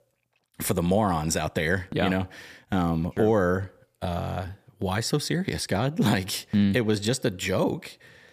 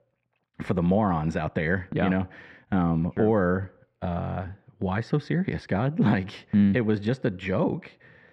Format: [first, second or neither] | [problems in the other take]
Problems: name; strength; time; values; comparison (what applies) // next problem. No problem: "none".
first | muffled; very; fading above 2 kHz